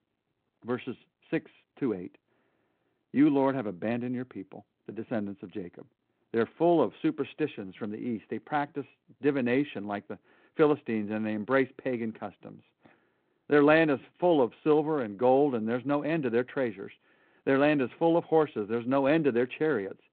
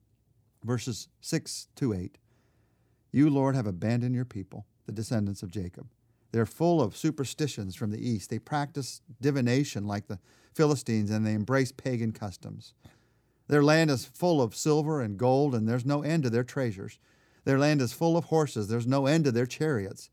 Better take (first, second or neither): second